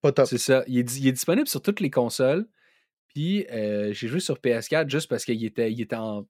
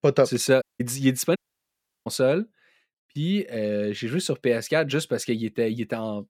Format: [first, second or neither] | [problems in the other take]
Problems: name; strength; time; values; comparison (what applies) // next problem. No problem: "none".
first | audio cutting out; at 0.5 s and at 1.5 s for 0.5 s